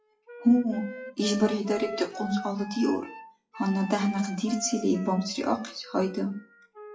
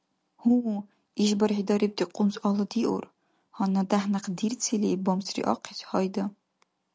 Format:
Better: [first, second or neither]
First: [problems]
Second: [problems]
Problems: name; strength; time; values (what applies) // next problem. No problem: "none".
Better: second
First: noise reduction (classical method WPE with log-MMSE)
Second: none